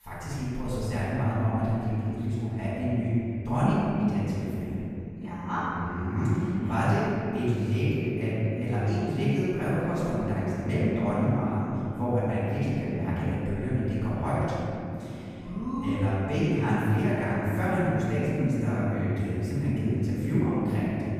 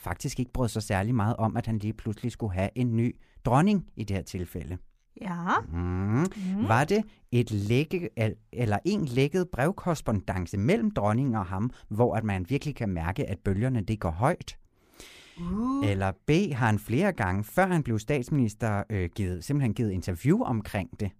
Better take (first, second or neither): second